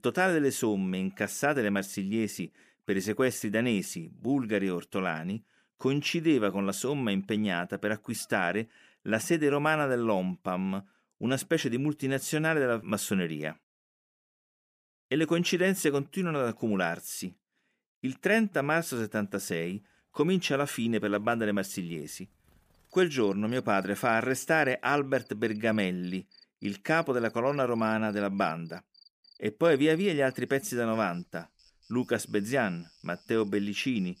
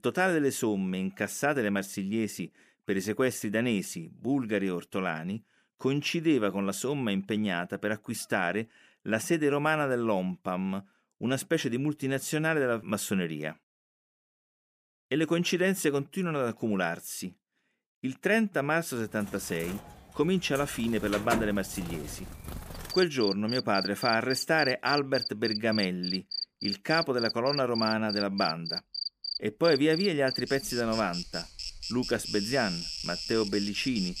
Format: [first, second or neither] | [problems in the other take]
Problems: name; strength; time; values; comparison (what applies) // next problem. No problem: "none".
first | animal sounds; loud; from 19 s on; 5 dB below the speech; faint in the first